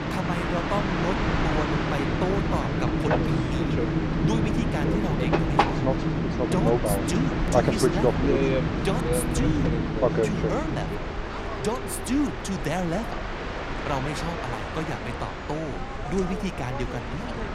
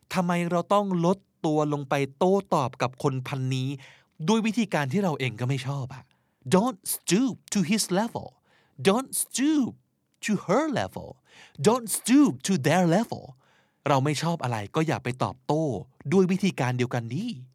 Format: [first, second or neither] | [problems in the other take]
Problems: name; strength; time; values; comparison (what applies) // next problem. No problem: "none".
second | train or aircraft noise; very loud; throughout; 5 dB above the speech